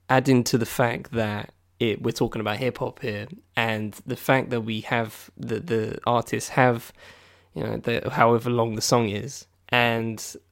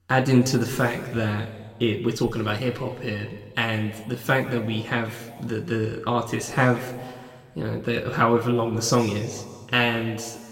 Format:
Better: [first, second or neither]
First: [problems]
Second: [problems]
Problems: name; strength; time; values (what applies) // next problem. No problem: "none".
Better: first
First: none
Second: room echo; slight; dies away in 1.5 s // off-mic speech; somewhat distant